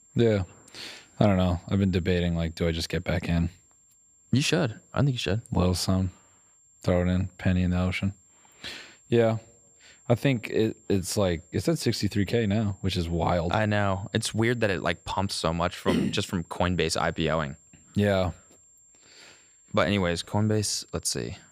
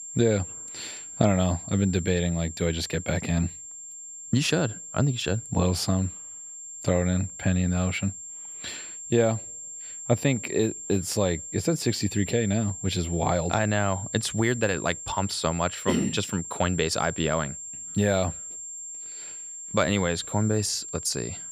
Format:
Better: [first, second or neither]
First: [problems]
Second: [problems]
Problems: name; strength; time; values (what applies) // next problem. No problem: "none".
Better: first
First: high-pitched whine; faint; throughout; 7.5 kHz, 30 dB below the speech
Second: high-pitched whine; loud; throughout; 7.5 kHz, 10 dB below the speech